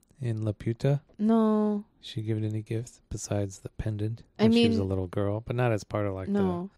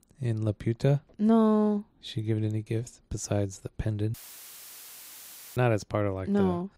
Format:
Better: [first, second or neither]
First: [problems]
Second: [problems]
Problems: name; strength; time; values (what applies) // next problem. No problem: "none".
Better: first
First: none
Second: audio cutting out; filled with static; at 4 s for 1.5 s